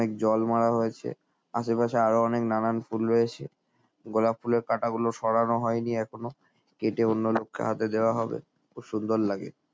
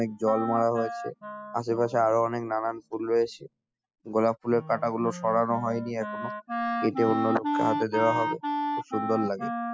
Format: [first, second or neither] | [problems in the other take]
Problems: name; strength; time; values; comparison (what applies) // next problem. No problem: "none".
first | noise reduction (classical method spectral subtraction)